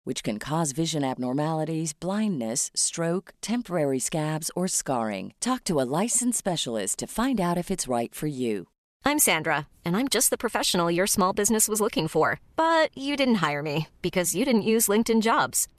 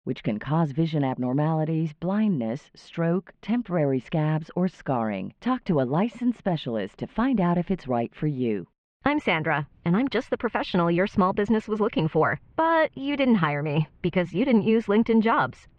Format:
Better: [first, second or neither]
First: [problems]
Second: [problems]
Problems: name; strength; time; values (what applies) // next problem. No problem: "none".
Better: first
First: none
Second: muffled; very; fading above 3 kHz